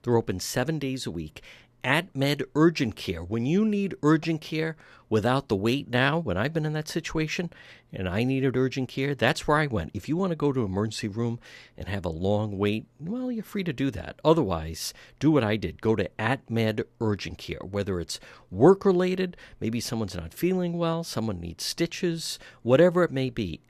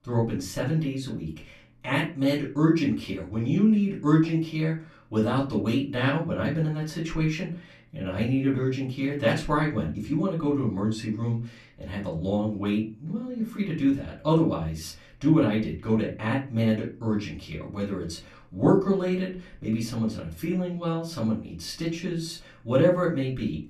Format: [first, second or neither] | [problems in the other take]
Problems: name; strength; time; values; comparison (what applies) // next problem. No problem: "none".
first | off-mic speech; far // room echo; slight; dies away in 0.3 s